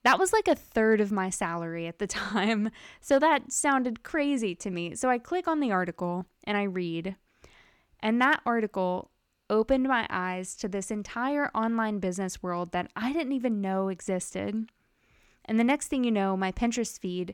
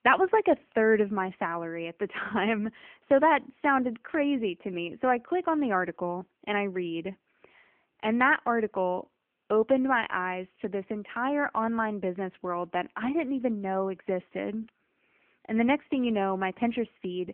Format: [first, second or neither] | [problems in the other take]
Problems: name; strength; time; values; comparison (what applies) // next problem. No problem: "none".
first | phone-call audio; nothing above 3 kHz